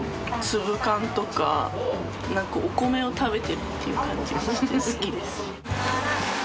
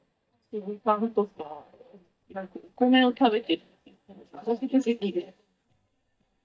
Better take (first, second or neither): first